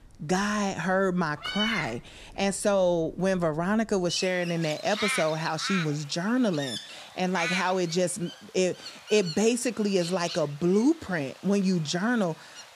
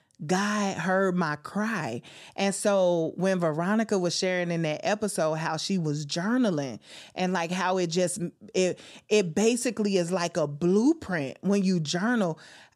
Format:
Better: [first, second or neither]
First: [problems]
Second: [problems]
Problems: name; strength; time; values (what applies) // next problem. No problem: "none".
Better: second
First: animal sounds; loud; throughout; 7 dB below the speech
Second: none